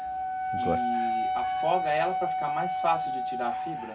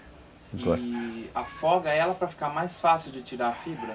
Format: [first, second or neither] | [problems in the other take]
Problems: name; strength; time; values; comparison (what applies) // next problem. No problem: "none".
second | background sound (Wind instrument, woodwind instrument); 3 dB above the speech